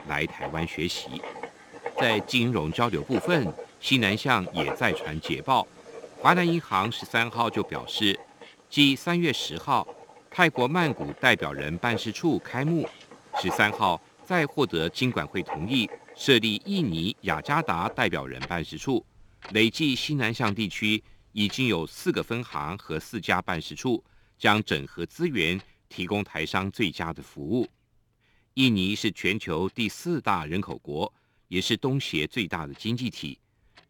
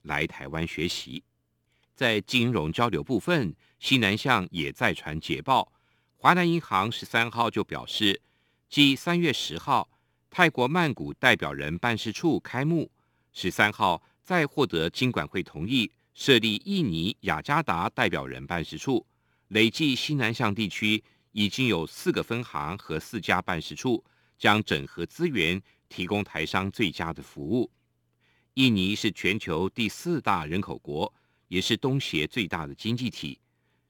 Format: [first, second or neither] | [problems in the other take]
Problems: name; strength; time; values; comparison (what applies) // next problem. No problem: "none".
second | household noises; noticeable; throughout; 15 dB below the speech